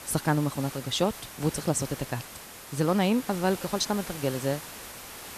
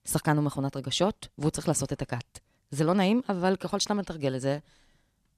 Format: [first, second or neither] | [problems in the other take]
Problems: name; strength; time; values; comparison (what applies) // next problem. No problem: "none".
second | hiss; noticeable; throughout; 10 dB below the speech